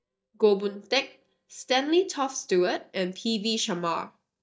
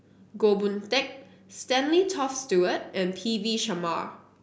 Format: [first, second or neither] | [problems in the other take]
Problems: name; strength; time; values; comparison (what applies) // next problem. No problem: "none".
second | noise reduction (neural mask model DeepFilterNet 3)